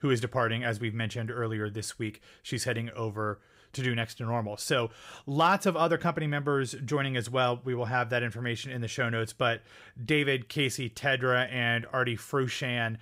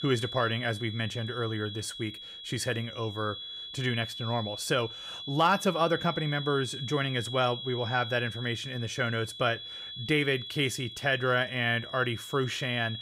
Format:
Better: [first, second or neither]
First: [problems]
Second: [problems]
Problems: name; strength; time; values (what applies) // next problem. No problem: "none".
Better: first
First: none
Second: high-pitched whine; loud; throughout; 3.5 kHz, 9 dB below the speech